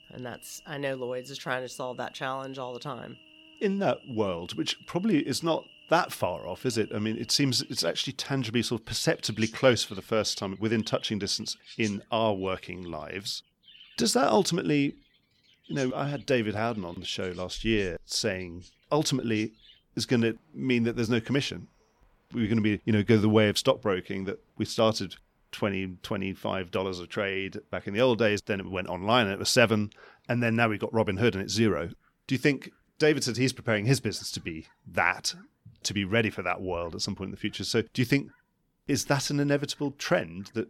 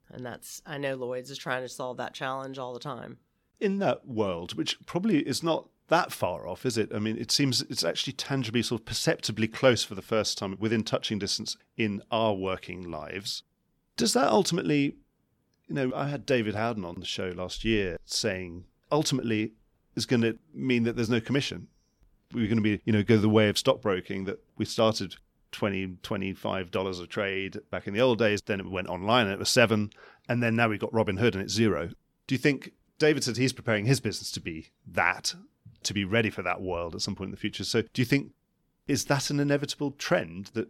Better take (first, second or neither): second